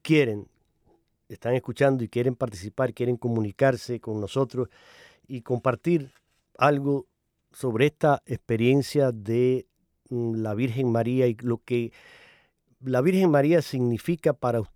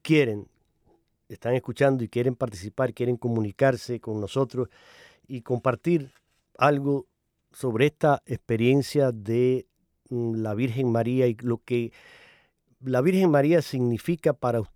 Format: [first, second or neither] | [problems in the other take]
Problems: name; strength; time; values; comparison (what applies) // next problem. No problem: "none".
neither | none